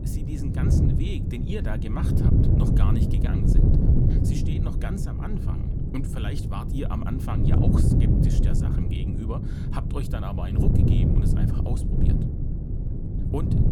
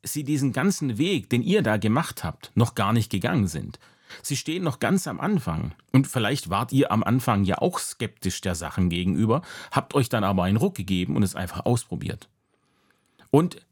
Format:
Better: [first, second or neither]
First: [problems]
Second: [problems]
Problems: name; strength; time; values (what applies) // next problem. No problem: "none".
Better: second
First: wind noise on the microphone; heavy; 3 dB above the speech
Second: none